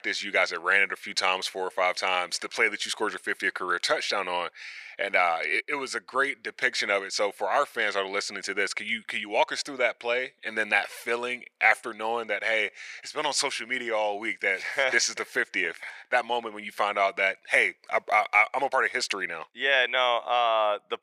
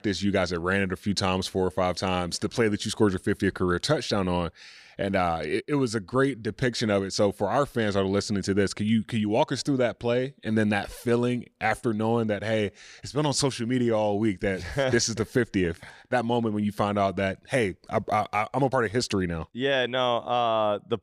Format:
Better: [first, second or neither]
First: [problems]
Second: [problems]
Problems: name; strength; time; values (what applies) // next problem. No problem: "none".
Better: second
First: thin; very; fading below 700 Hz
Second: none